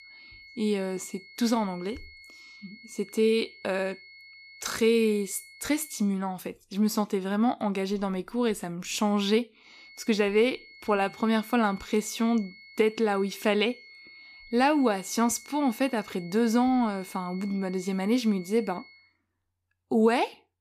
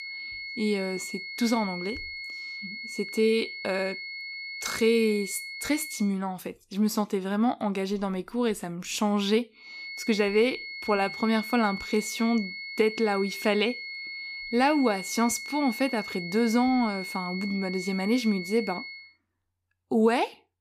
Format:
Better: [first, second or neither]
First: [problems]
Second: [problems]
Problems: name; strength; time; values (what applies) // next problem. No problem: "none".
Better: first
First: high-pitched whine; faint; until 6 s and from 9.5 to 19 s; 2 kHz, 20 dB below the speech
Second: high-pitched whine; loud; until 6 s and from 9.5 to 19 s; 2 kHz, 8 dB below the speech